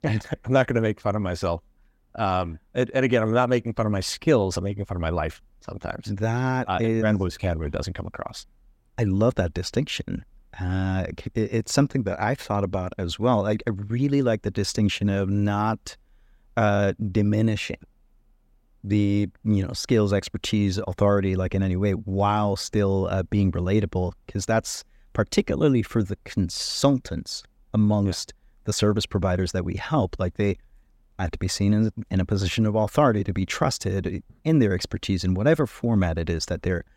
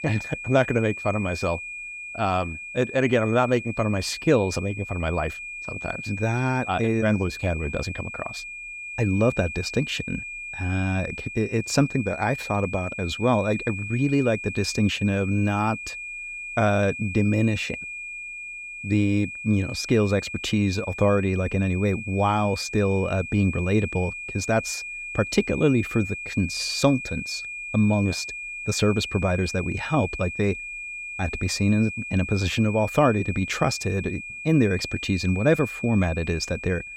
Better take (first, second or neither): first